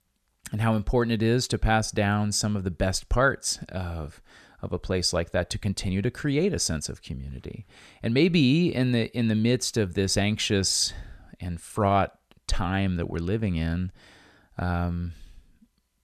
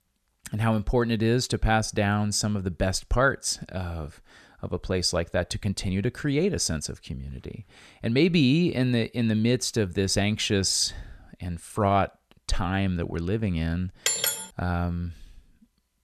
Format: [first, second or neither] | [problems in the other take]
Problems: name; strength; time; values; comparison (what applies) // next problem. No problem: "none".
first | clattering dishes; loud; at 14 s; peak 2 dB above the speech